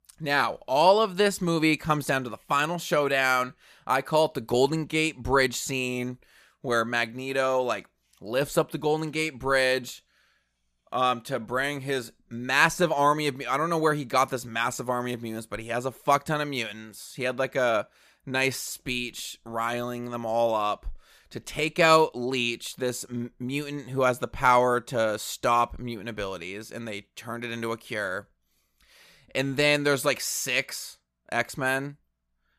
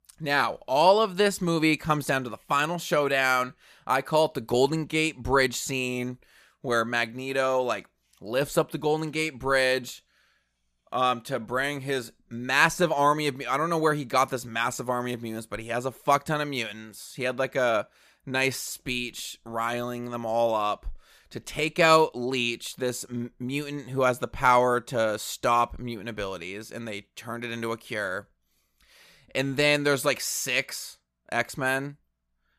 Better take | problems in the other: neither | none

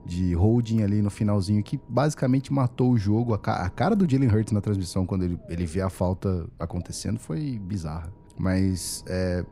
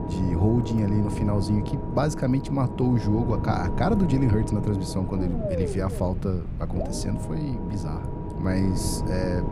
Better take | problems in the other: first | low rumble; loud; throughout; 4 dB below the speech; faint in the first

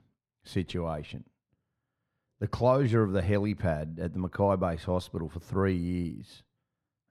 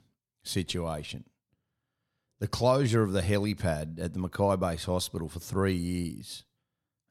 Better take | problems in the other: second | muffled; slightly; fading above 3.5 kHz

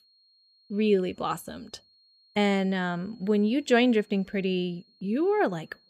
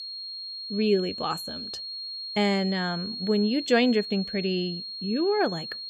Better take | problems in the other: first | high-pitched whine; loud; throughout; 4.5 kHz, 7 dB below the speech; faint in the first

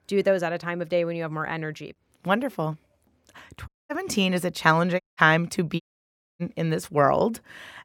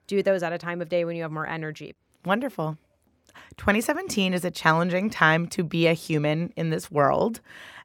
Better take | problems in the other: second | audio cutting out; at 3.5 s, at 5 s and at 6 s for 0.5 s

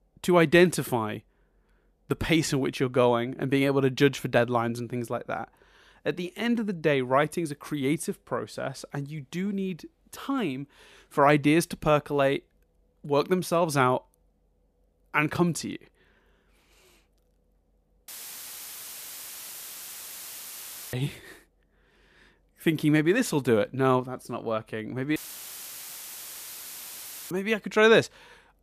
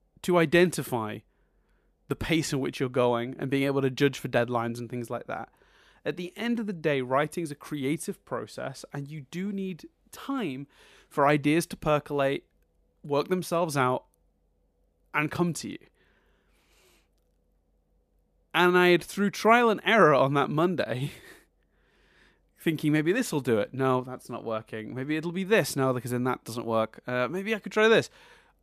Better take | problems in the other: second | audio cutting out; filled with static; at 18 s for 3 s and at 25 s for 2 s

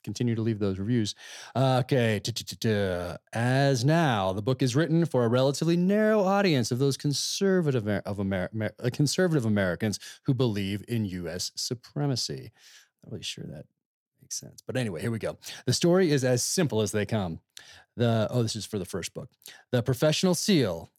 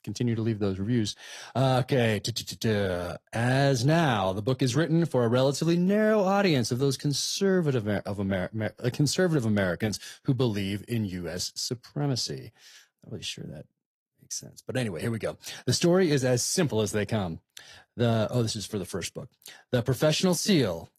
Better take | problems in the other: first | garbled, watery; slightly; nothing above 13.5 kHz

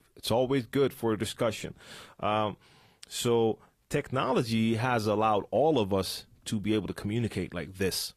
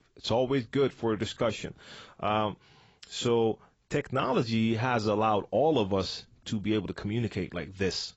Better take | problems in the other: first | garbled, watery; badly; nothing above 7.5 kHz; slightly in the first

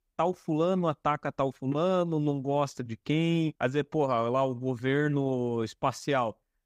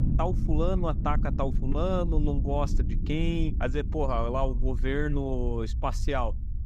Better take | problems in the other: first | low rumble; noticeable; throughout; 15 dB below the speech

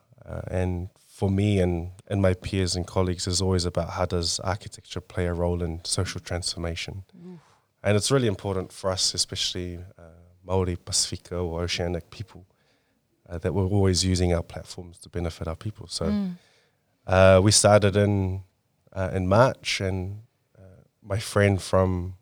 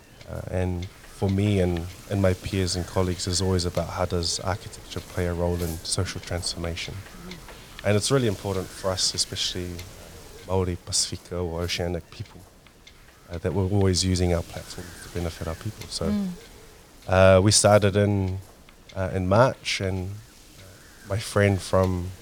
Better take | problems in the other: first | wind noise on the microphone; occasional gusts; 20 dB below the speech

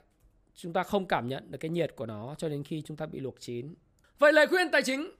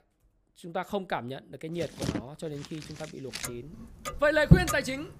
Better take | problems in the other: first | household noises; very loud; from 2 s on; 3 dB above the speech

